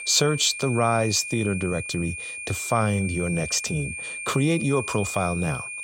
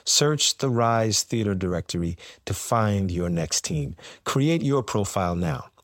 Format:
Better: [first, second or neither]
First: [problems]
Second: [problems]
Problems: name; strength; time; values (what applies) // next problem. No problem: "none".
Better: second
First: high-pitched whine; loud; throughout; 2.5 kHz, 7 dB below the speech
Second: none